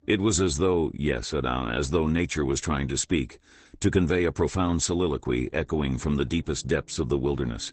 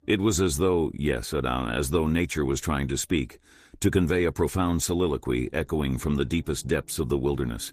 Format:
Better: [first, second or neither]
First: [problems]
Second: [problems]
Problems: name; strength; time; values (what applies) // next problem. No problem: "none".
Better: second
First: garbled, watery; badly; nothing above 8 kHz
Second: garbled, watery; slightly; nothing above 14.5 kHz